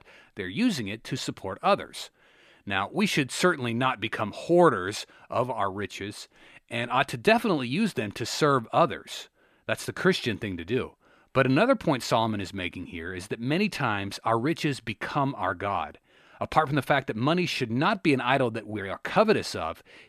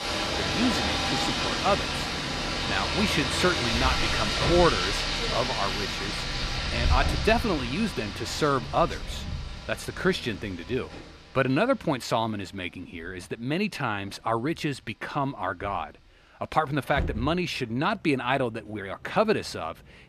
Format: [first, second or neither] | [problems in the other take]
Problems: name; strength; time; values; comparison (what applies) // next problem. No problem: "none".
first | rain or running water; very loud; throughout; as loud as the speech